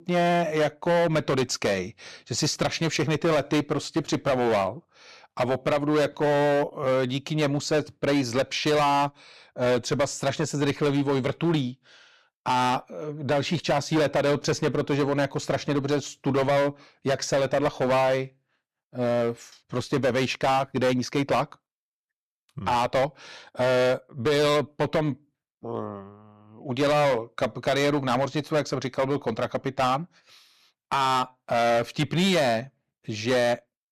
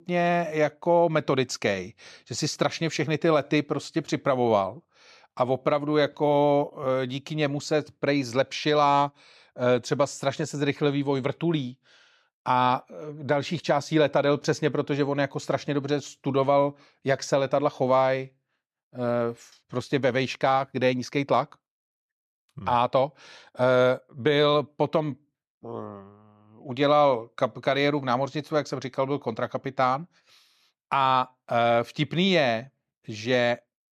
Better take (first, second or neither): second